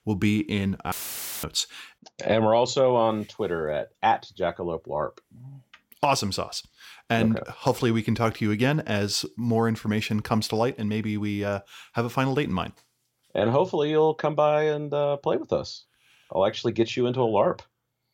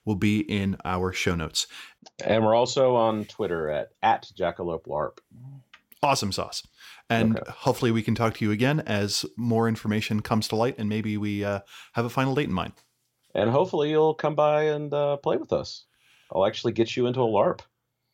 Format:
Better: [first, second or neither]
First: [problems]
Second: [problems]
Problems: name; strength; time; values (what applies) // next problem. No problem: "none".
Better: second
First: audio cutting out; filled with static; at 1 s for 0.5 s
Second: none